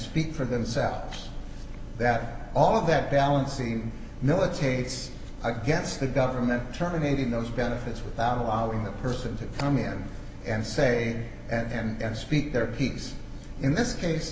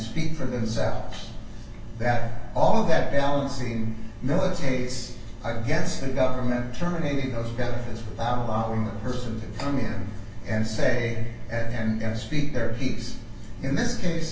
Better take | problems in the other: first | room echo; dies away in 0.3 s

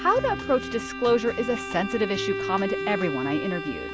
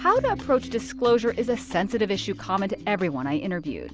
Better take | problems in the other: second | background sound (Bowed string instrument); 7 dB below the speech

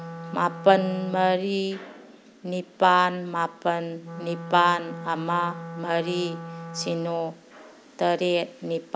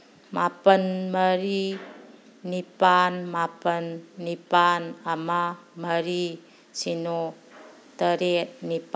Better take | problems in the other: second | background sound (Wind instrument, woodwind instrument); 14 dB below the speech

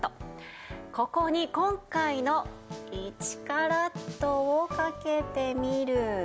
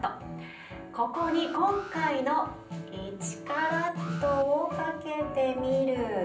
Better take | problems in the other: first | background sound (Alarm); 16 dB below the speech // room echo; dies away in 0.6 s

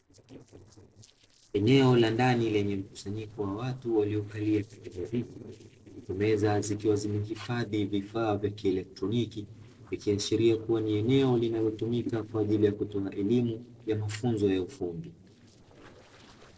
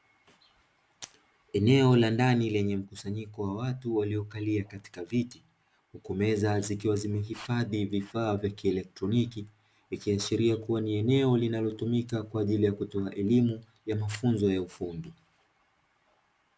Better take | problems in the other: second | noise reduction (neural separator model SepFormer DNS4)

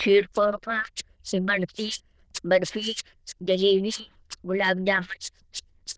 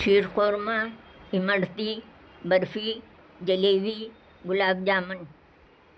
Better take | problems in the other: second | noise reduction (neural diffusion model UNIVERSE++)

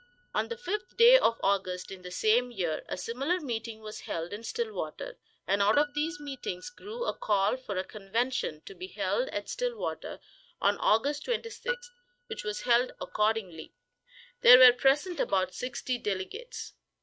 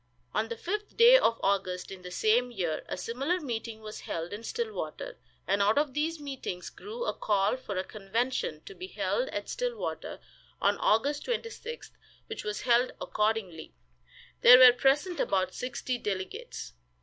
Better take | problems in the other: second | noise reduction (neural mask model RNNoise)

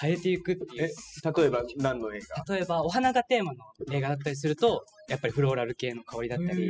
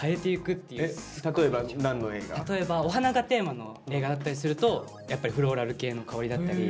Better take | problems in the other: second | noise reduction (classical method spectral subtraction)

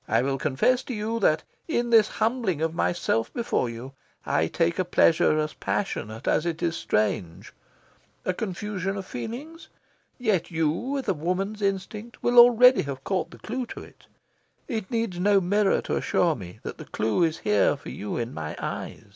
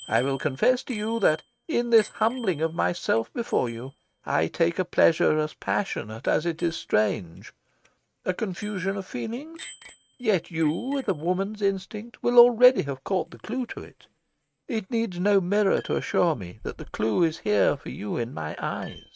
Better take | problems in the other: first | noise reduction (neural mask model RNNoise)

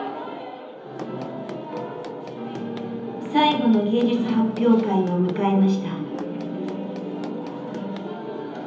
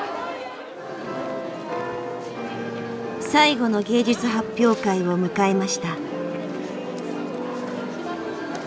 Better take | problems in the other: second | background sound (Run); 18 dB below the speech // room echo; dies away in 1.3 s

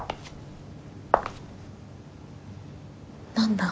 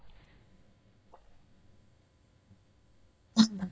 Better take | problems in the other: first | noise reduction (neural mask model DeepFilterNet 3)

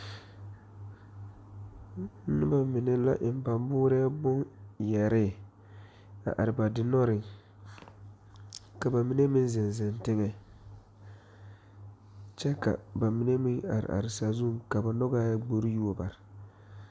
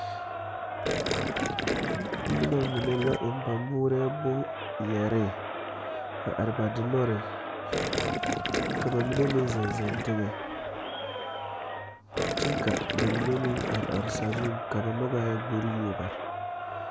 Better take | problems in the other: first | background sound (Gurgling + Crowd); 1 dB below the speech

